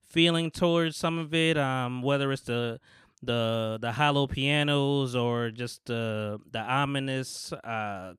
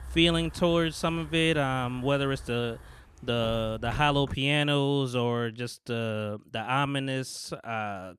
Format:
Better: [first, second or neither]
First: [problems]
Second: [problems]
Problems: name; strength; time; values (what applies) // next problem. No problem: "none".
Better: first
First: none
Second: hiss; noticeable; until 4.5 s; 20 dB below the speech